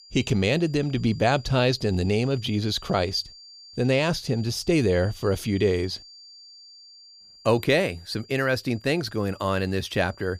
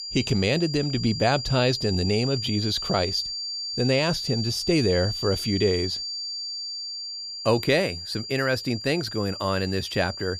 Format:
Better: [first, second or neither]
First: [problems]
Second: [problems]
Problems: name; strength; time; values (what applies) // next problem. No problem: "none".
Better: first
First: high-pitched whine; faint; throughout; 4.5 kHz, 20 dB below the speech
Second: high-pitched whine; loud; throughout; 4.5 kHz, 5 dB below the speech